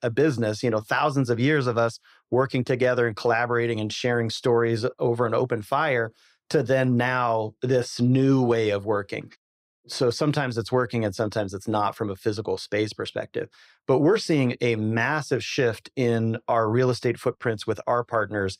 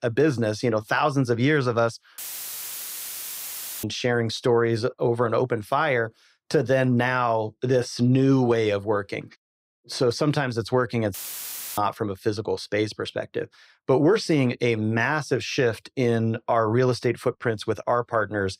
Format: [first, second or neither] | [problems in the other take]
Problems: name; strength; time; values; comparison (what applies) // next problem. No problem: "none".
first | audio cutting out; filled with static; at 2 s for 1.5 s and at 11 s for 0.5 s